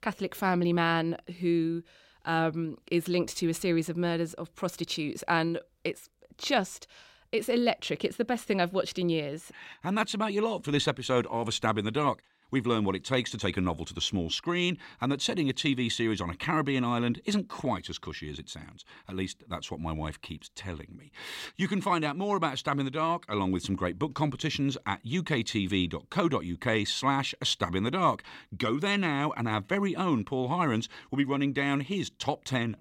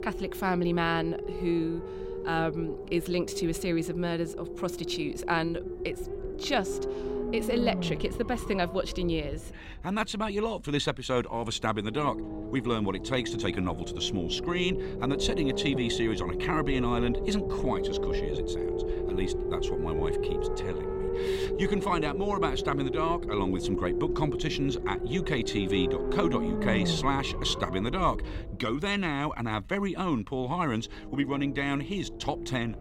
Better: first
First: none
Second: low rumble; loud; throughout; 5 dB below the speech

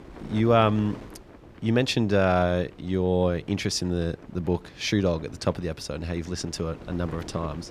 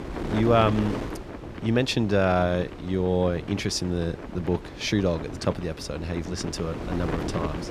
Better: first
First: wind noise on the microphone; occasional gusts; 20 dB below the speech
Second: wind noise on the microphone; heavy; 10 dB below the speech

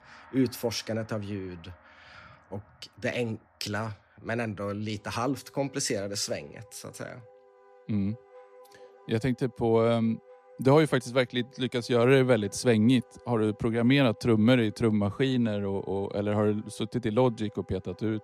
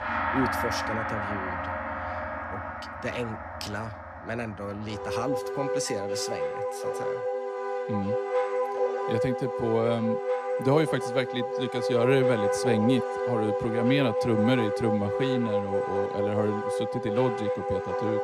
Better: first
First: background music; faint; throughout; 25 dB below the speech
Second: background music; loud; throughout; as loud as the speech

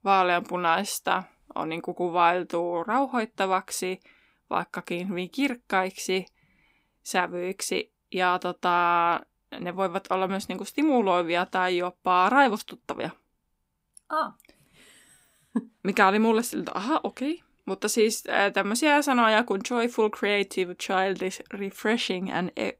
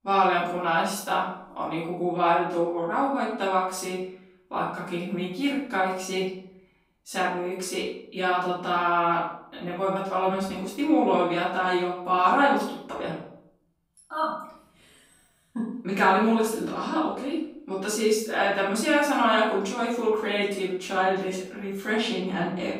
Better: first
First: none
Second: off-mic speech; far // room echo; noticeable; dies away in 0.6 s

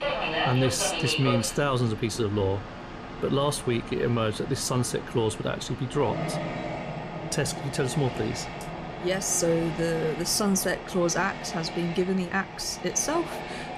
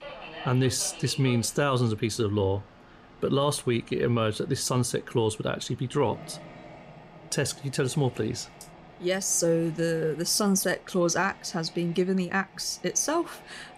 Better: second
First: train or aircraft noise; loud; throughout; 7 dB below the speech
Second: train or aircraft noise; faint; throughout; 20 dB below the speech

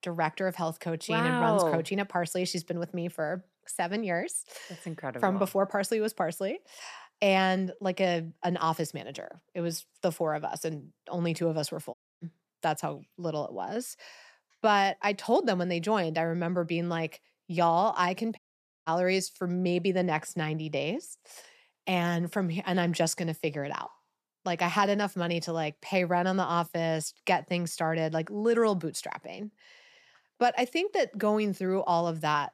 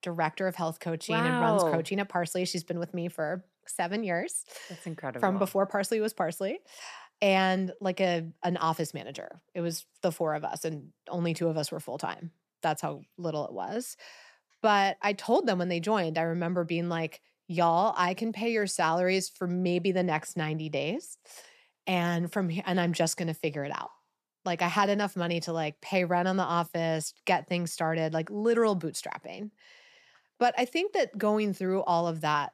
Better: second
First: audio cutting out; at 12 s and at 18 s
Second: none

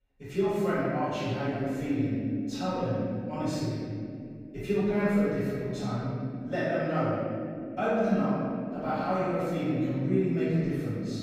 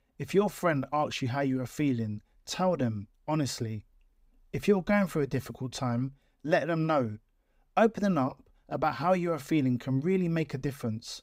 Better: second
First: off-mic speech; far // room echo; strong; dies away in 2.9 s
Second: none

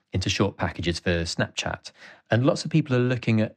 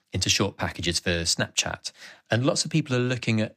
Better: second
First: muffled; slightly; fading above 2 kHz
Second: none

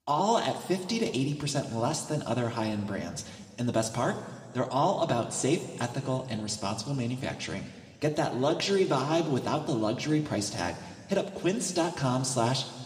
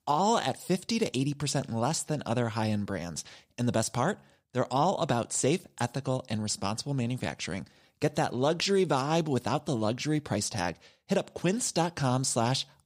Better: second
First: room echo; slight; dies away in 1.9 s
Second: none

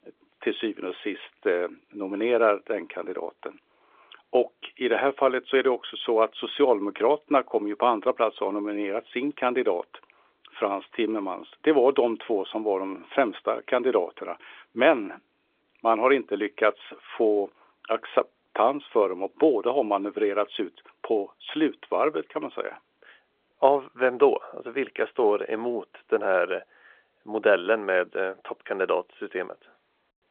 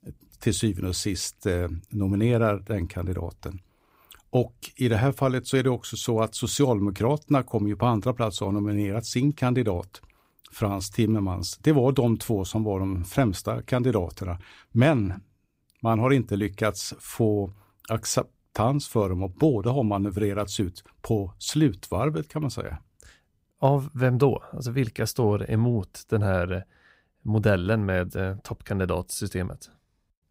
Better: second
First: phone-call audio; nothing above 3.5 kHz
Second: none

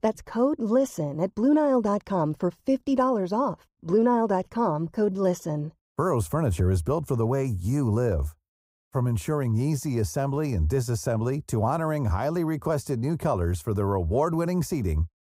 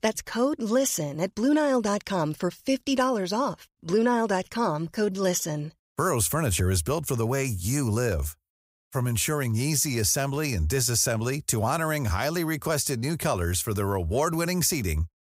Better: second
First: muffled; slightly; fading above 1.5 kHz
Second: none

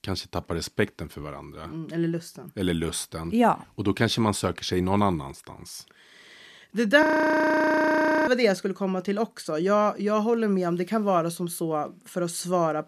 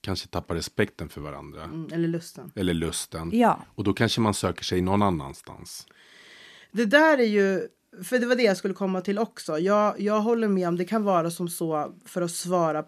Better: second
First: audio freezing; at 7 s for 1 s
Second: none

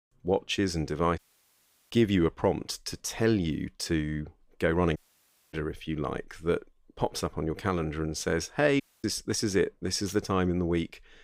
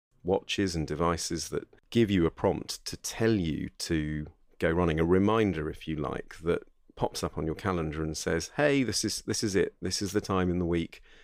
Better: second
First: audio cutting out; at 1 s for 0.5 s, at 5 s for 0.5 s and at 9 s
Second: none

